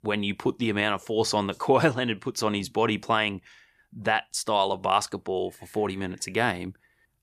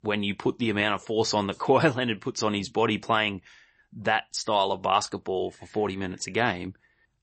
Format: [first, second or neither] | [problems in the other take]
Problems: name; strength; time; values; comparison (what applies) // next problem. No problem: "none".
first | garbled, watery; slightly; nothing above 8 kHz